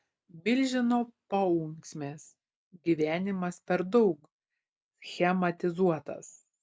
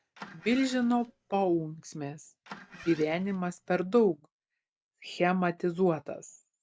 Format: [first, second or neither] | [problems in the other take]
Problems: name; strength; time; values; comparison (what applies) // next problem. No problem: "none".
first | background sound (Engine starting); 19 dB below the speech